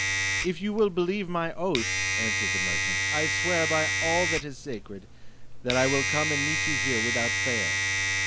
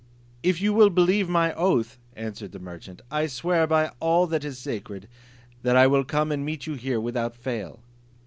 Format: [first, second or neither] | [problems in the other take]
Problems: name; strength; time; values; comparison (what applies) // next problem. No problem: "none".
second | background sound (Domestic sounds, home sounds); 2 dB above the speech